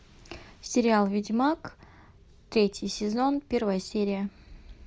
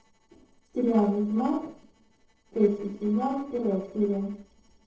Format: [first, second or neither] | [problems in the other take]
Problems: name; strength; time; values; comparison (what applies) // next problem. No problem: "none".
first | noise reduction (neural separator model SepFormer DNS4)